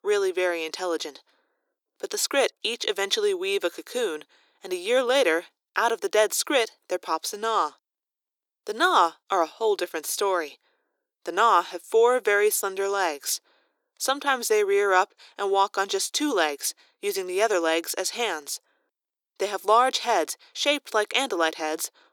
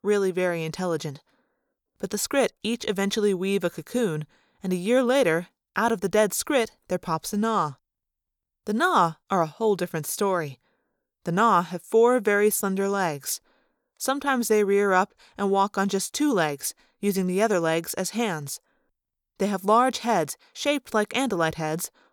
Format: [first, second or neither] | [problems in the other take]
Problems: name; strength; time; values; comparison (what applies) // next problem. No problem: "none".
second | thin; somewhat; fading below 300 Hz